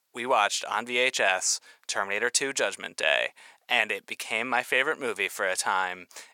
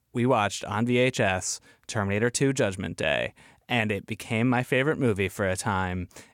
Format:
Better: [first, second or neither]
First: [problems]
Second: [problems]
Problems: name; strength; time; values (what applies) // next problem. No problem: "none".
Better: second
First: thin; very; fading below 700 Hz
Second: none